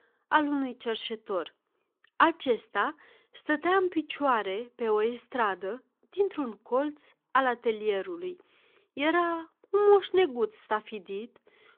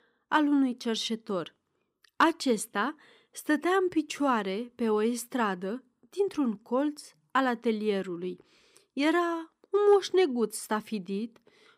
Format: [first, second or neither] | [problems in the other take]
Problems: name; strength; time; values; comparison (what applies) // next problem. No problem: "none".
second | phone-call audio